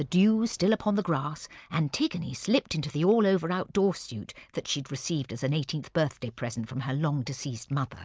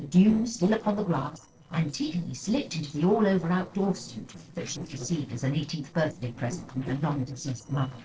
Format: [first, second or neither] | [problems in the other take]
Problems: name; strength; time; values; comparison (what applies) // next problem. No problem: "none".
first | noise reduction (neural separator model SepFormer DNS4)